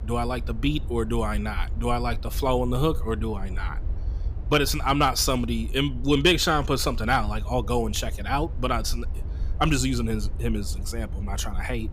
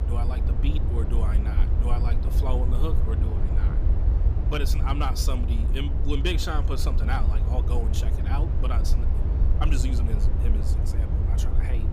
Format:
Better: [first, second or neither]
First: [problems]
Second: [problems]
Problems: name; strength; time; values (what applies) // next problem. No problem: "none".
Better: first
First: low rumble; faint; throughout; 25 dB below the speech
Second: low rumble; loud; throughout; 5 dB below the speech